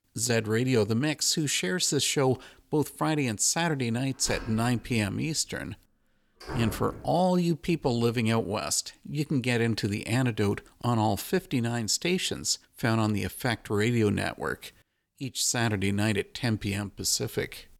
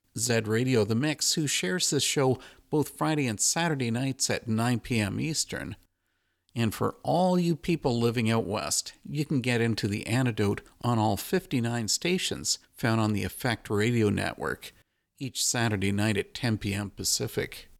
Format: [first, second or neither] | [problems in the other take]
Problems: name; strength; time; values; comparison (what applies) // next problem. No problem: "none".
second | door banging; noticeable; from 4.5 to 7 s; peak 9 dB below the speech